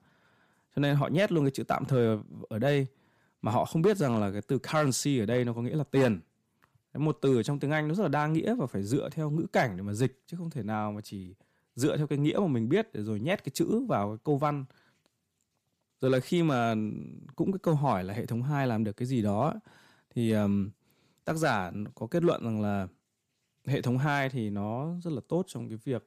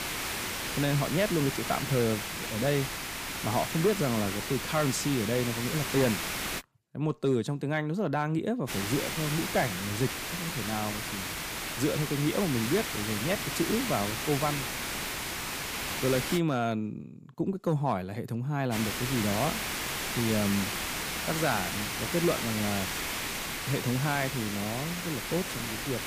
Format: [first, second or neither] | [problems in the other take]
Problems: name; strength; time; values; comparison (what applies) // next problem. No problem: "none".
first | hiss; loud; until 6.5 s, from 8.5 to 16 s and from 19 s on; 2 dB below the speech